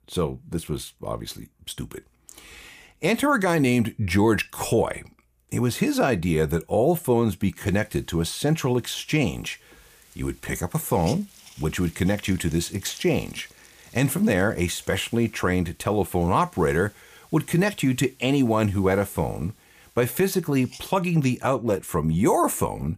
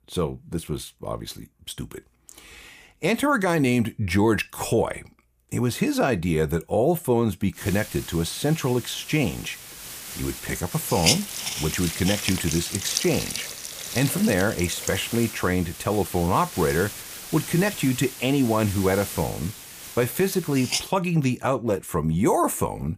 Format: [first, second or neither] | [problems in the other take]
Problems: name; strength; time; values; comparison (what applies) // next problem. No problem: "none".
first | hiss; loud; from 7.5 to 21 s; 6 dB below the speech; faint in the first